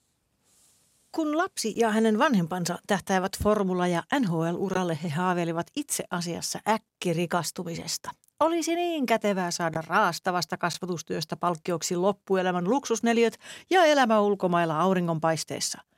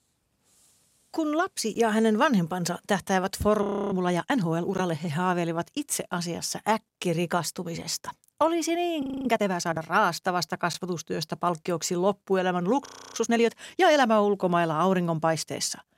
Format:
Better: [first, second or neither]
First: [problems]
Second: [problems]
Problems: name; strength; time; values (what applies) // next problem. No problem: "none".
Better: first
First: none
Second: audio freezing; at 3.5 s, at 9 s and at 13 s